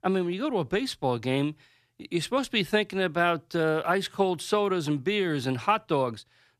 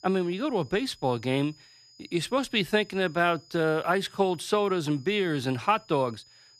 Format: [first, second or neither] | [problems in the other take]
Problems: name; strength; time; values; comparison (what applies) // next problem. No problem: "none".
first | high-pitched whine; faint; throughout; 5 kHz, 25 dB below the speech